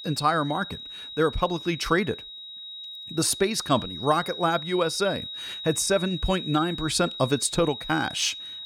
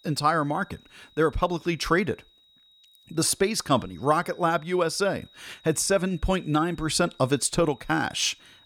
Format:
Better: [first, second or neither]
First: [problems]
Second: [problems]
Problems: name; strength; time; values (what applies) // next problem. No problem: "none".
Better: second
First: high-pitched whine; loud; throughout; 4 kHz, 10 dB below the speech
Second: high-pitched whine; faint; throughout; 4 kHz, 30 dB below the speech